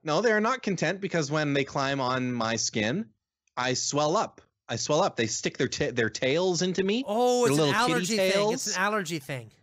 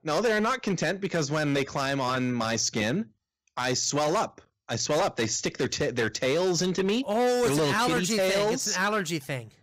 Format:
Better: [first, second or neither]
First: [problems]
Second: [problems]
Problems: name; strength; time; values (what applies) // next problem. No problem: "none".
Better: first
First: none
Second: distortion; slight; 11% of the sound clipped